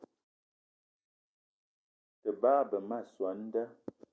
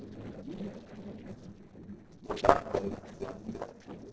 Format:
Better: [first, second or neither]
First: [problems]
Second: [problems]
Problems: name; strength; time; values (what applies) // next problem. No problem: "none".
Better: first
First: none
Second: noise reduction (neural separator model SepFormer DNS4)